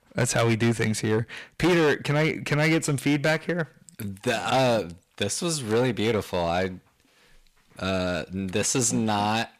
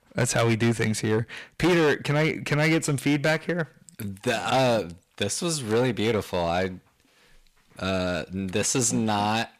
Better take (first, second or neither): neither